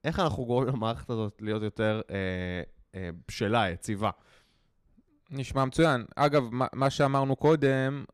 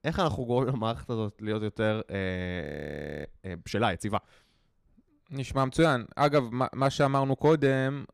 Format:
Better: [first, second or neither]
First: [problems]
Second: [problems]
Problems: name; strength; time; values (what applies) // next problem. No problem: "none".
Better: first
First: none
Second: audio freezing; at 2.5 s for 0.5 s